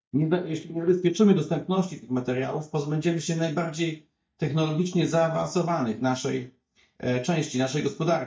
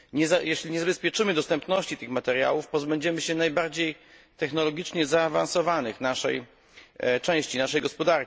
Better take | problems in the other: second | noise reduction (neural mask model DeepFilterNet 3)

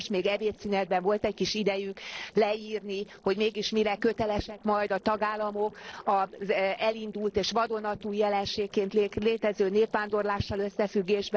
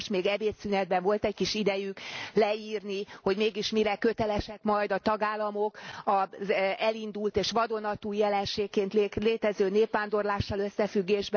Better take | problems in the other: second | noise reduction (neural separator model SepFormer DNS4)

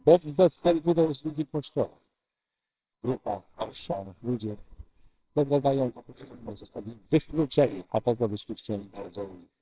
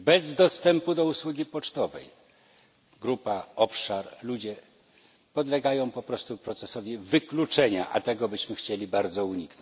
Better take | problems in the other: second | noise reduction (neural separator model SepFormer WHAMR!)

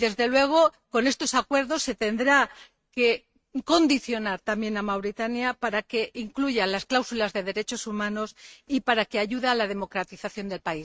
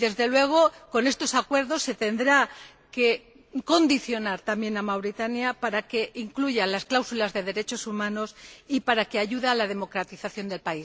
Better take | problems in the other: second | noise reduction (neural mask model RNNoise)

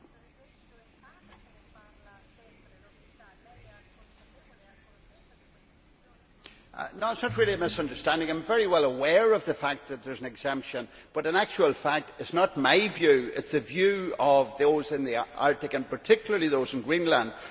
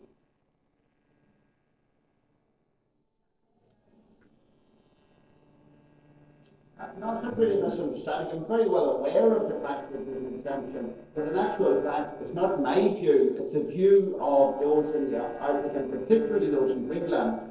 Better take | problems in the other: first | noise reduction (neural separator model SepFormer DNS4)

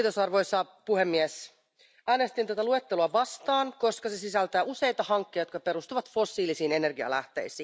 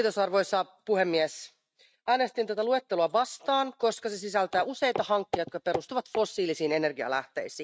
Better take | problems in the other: first | noise reduction (neural mask model RNNoise)

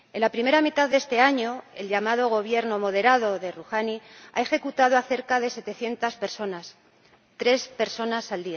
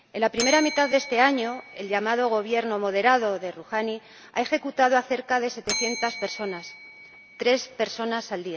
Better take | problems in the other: first | background sound (Bell); 13 dB below the speech

